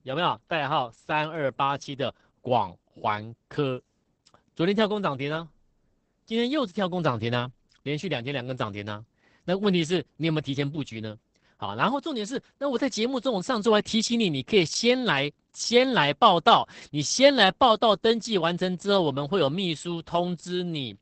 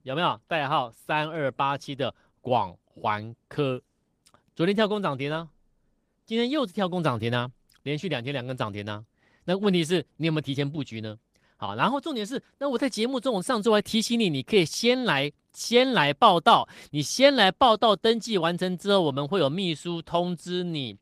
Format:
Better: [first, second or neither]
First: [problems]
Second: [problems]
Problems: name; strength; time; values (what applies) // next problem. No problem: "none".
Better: second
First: garbled, watery; badly; nothing above 8 kHz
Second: garbled, watery; slightly; nothing above 15 kHz